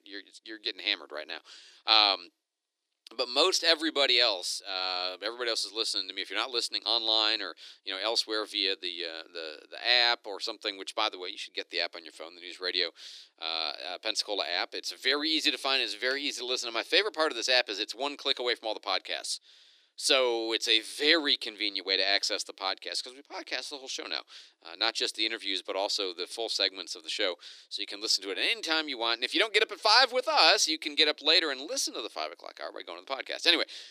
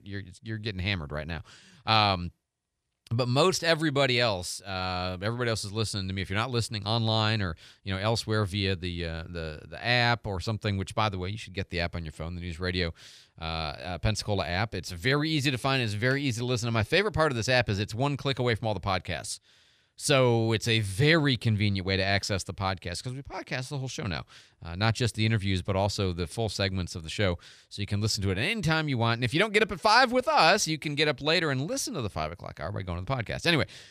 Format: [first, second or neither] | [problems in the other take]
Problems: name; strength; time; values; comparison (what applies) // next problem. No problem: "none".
second | thin; very; fading below 300 Hz